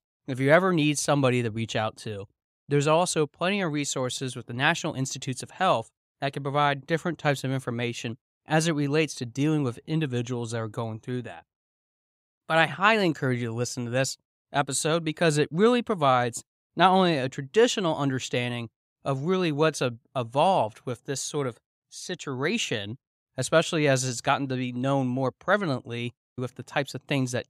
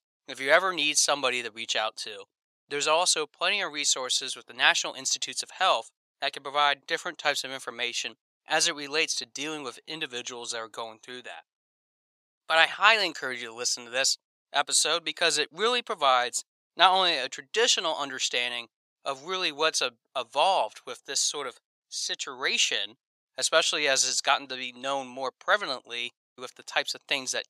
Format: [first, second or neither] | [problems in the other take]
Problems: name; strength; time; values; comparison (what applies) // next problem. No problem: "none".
first | thin; very; fading below 650 Hz